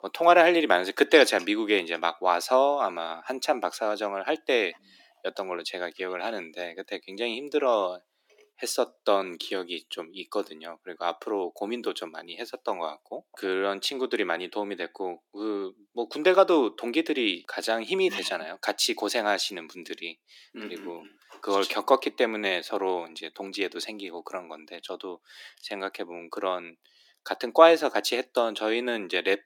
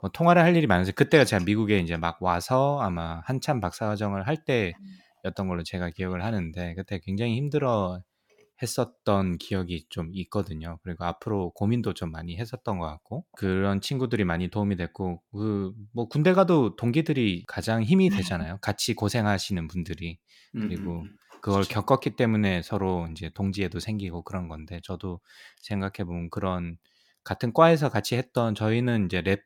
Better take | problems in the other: second | thin; very; fading below 300 Hz

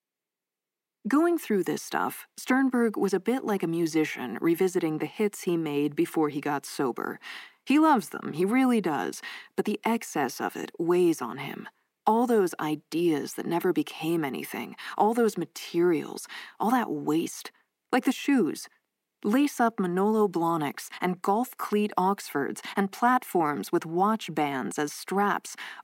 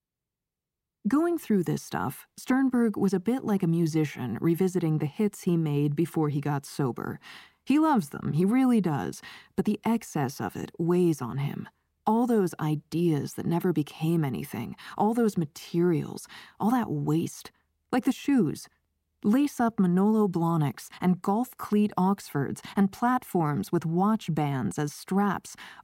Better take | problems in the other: second | thin; very slightly; fading below 250 Hz

